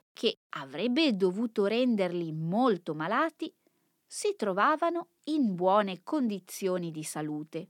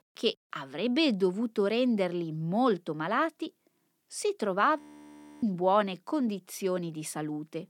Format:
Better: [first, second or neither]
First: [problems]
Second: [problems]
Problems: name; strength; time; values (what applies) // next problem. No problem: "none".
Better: first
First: none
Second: audio freezing; at 5 s for 0.5 s